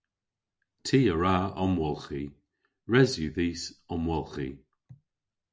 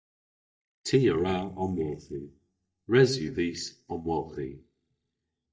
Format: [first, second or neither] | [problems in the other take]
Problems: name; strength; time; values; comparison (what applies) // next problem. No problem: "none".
first | noise reduction (neural mask model DeepFilterNet 3)